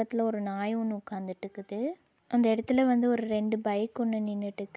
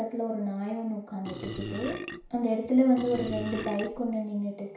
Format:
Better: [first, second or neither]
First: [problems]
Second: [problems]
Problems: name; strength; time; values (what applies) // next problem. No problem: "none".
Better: first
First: none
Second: background sound (Burping, eructation); 9 dB below the speech // room echo; dies away in 0.6 s